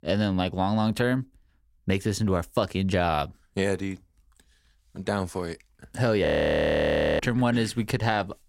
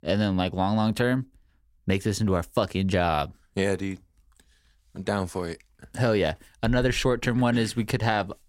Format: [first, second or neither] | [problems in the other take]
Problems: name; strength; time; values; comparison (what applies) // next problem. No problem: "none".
second | audio freezing; at 6.5 s for 1 s